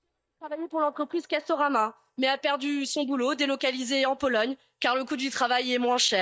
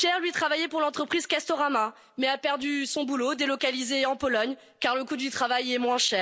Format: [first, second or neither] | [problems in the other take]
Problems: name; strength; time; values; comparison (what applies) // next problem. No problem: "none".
second | noise reduction (neural mask model DeepFilterNet 3)